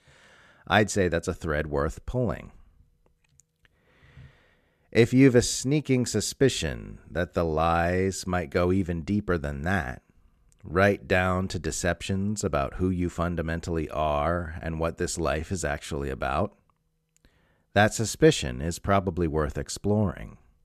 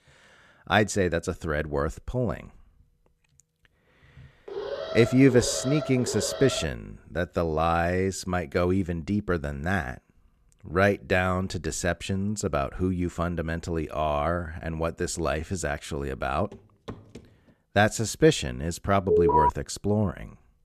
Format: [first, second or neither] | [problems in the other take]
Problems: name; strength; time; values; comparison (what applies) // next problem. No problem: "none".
first | alarm; noticeable; from 4.5 to 6.5 s; peak 6 dB below the speech // footsteps; faint; at 17 s; peak 15 dB below the speech // alarm; loud; at 19 s; peak 5 dB above the speech